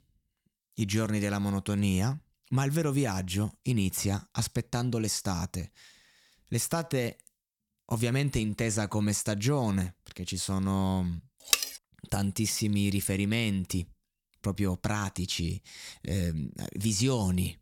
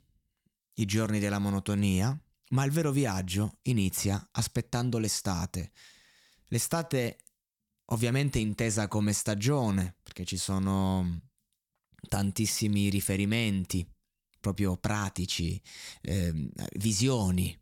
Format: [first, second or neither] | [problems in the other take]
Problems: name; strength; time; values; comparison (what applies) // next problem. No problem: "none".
second | clattering dishes; loud; at 12 s; peak 4 dB above the speech